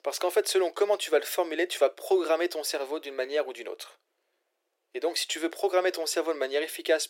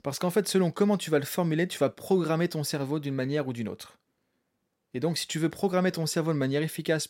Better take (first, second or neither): second